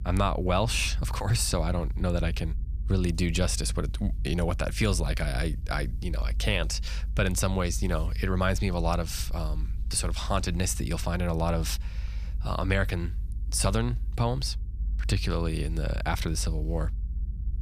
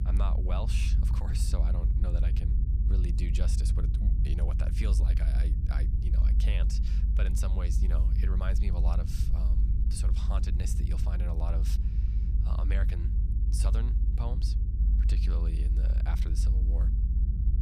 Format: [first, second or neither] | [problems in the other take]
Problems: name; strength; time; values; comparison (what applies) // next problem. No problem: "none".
first | low rumble; loud; throughout; 3 dB below the speech; faint in the first